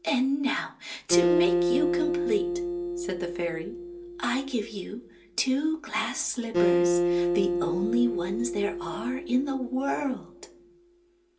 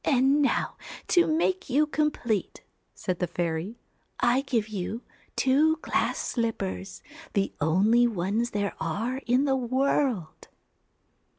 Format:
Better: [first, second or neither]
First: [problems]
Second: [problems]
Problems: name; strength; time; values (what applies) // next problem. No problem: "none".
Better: second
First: background sound (Acoustic guitar); 1 dB above the speech // room echo; dies away in 0.3 s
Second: none